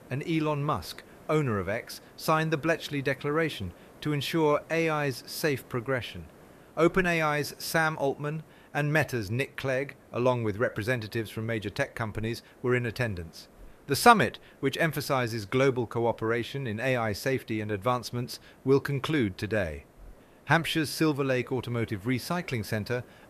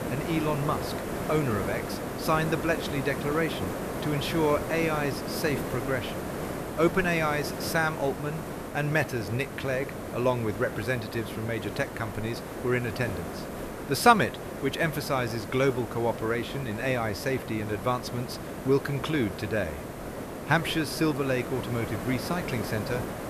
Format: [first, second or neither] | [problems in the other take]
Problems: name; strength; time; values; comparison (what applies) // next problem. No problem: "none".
first | hiss; loud; throughout; 6 dB below the speech; faint in the first